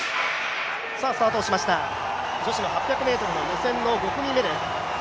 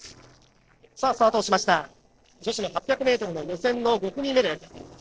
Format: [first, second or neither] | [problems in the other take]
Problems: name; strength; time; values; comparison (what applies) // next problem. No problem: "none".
first | noise reduction (neural separator model SepFormer DNS4)